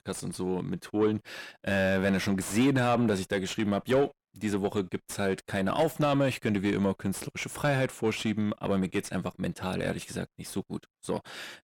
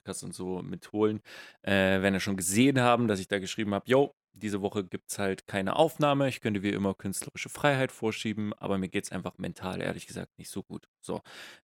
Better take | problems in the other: second | distortion; heavy; 7 dB below the speech

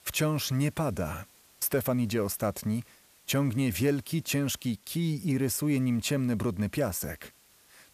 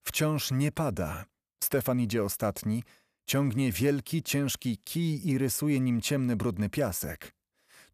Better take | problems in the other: second | hiss; faint; throughout; 30 dB below the speech

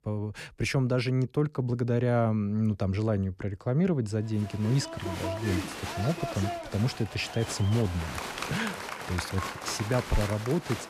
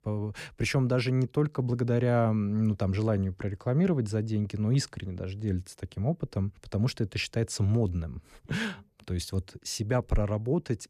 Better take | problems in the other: second | crowd noise; loud; from 4.5 s on; 7 dB below the speech

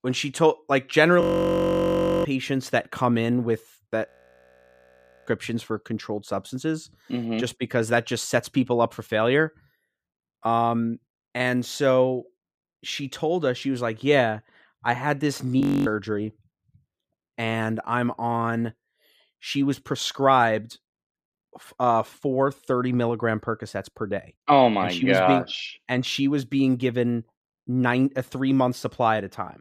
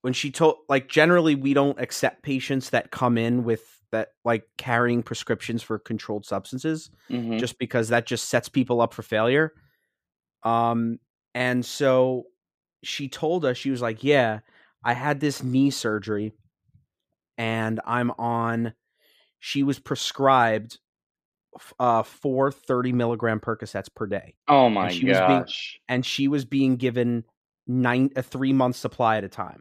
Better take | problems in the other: second | audio freezing; at 1 s for 1 s, at 4 s for 1 s and at 16 s

